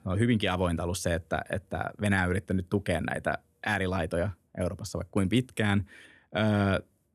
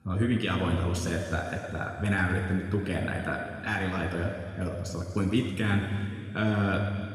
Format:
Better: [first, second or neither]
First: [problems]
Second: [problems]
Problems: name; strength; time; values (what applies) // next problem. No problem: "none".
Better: first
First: none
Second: room echo; noticeable; dies away in 2.4 s // off-mic speech; somewhat distant